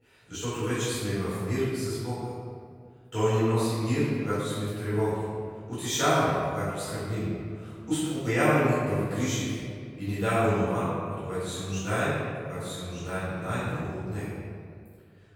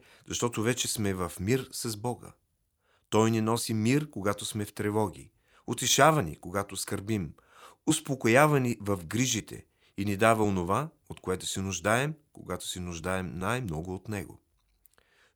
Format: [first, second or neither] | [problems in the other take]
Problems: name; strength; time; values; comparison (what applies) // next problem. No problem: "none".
second | off-mic speech; far // room echo; strong; dies away in 1.9 s